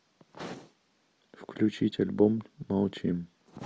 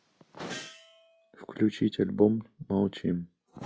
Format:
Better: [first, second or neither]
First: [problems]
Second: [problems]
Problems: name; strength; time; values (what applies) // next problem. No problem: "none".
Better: first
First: none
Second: noise reduction (classical method log-MMSE)